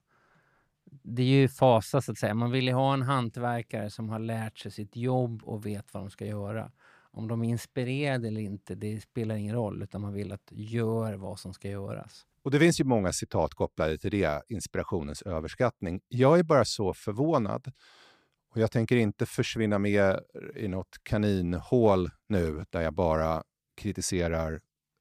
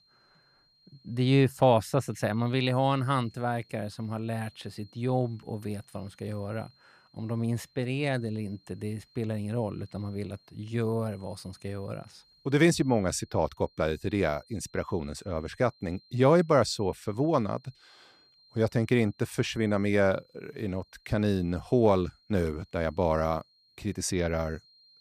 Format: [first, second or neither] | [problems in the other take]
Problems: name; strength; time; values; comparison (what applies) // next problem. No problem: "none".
first | high-pitched whine; faint; throughout; 4 kHz, 30 dB below the speech